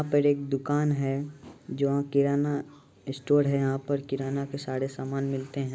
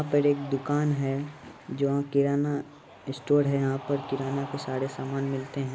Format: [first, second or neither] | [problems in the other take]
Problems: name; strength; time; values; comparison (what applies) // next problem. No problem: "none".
first | background sound (Cheering); 17 dB below the speech